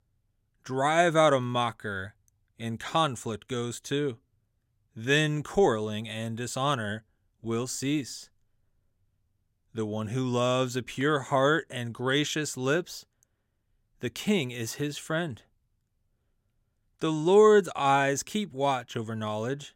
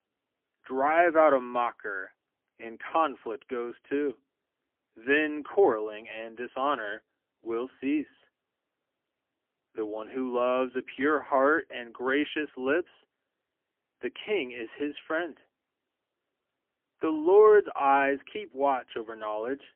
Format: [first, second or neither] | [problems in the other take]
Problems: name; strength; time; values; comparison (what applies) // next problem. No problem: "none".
first | phone-call audio; poor line; nothing above 3 kHz